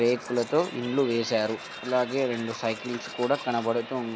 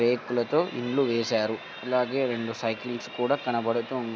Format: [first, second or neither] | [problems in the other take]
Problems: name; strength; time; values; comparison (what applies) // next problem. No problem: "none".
second | background sound (Domestic sounds, home sounds); 20 dB below the speech